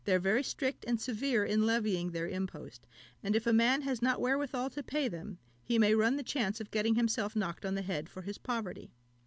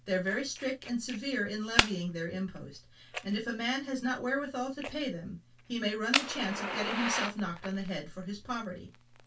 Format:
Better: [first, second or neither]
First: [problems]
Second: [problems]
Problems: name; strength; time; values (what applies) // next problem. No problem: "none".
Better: first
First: none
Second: background sound (Fire); 4 dB below the speech // room echo; dies away in 0.2 s